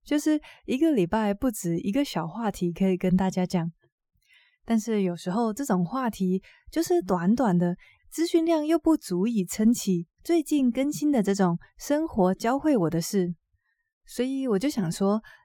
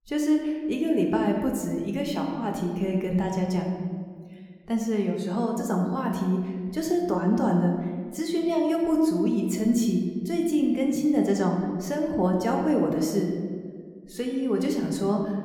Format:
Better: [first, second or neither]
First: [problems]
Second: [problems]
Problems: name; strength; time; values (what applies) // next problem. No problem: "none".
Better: first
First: none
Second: room echo; slight; dies away in 1.4 s